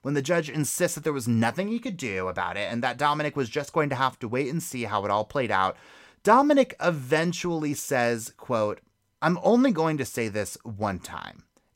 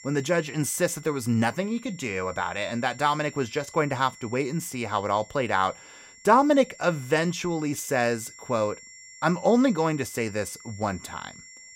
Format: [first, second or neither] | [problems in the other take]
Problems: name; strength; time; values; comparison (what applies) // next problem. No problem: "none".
first | high-pitched whine; noticeable; throughout; 2 kHz, 20 dB below the speech